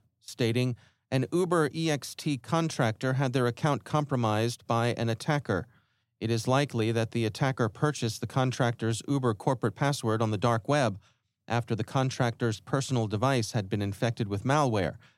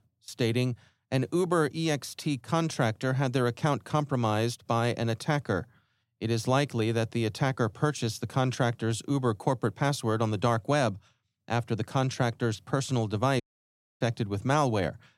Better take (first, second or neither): first